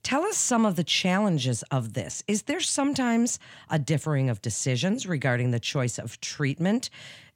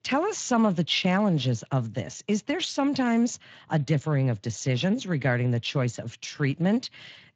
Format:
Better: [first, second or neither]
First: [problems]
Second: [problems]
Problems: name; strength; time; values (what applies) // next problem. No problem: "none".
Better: first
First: none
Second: garbled, watery; slightly